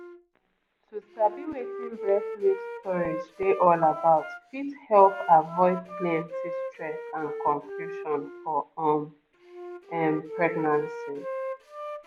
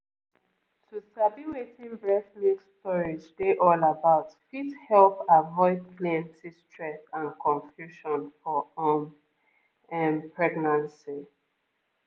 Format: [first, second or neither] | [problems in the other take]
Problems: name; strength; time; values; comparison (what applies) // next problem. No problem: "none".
second | background sound (Wind instrument, woodwind instrument); 11 dB below the speech